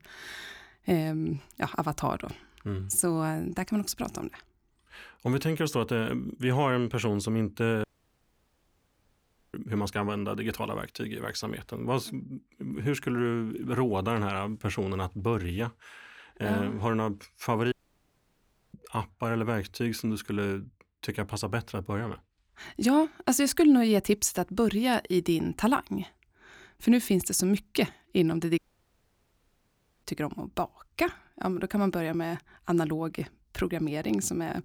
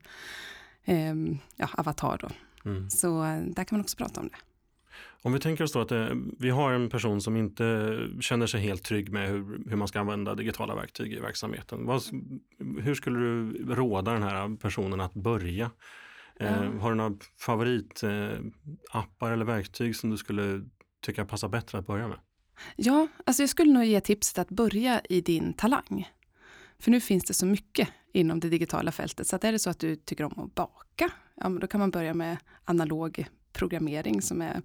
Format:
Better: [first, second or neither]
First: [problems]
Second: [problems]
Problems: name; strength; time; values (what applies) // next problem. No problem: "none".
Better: second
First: audio cutting out; at 8 s for 1.5 s, at 18 s for 1 s and at 29 s for 1.5 s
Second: none